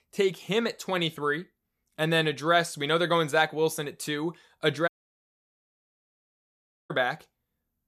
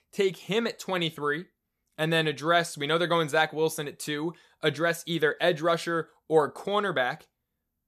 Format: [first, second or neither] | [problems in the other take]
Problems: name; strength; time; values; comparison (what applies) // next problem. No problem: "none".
second | audio cutting out; at 5 s for 2 s